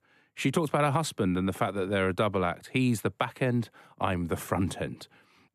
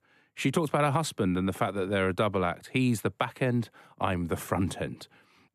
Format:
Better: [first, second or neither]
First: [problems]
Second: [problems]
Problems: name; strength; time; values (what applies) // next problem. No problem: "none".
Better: neither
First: none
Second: none